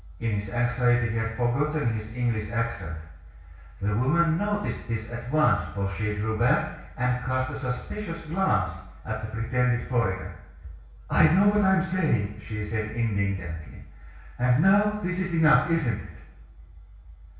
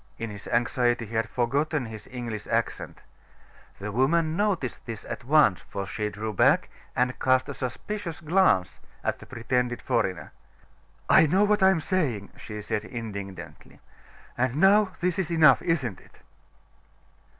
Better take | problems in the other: second | room echo; dies away in 0.6 s

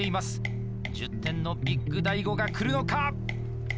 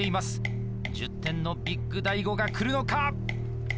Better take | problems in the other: second | background sound (Electric guitar); 4 dB below the speech

